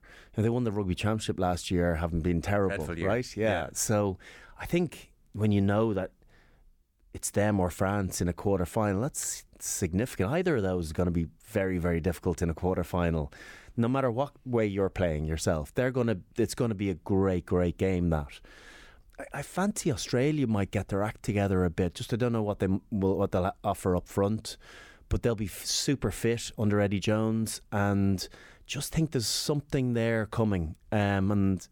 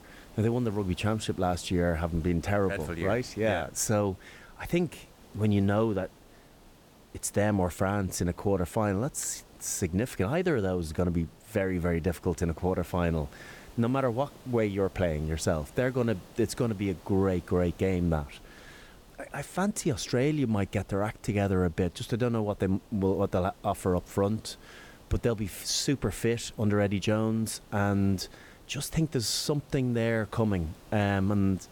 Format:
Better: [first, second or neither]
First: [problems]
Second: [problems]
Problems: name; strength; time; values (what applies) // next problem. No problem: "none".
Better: first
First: none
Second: hiss; faint; throughout; 25 dB below the speech